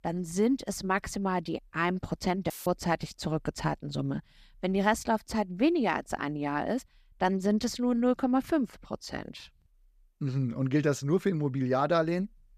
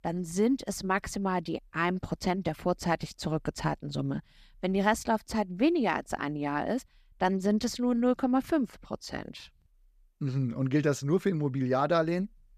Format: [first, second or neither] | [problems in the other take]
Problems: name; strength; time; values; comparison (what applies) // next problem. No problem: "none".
second | audio cutting out; filled with static; at 2.5 s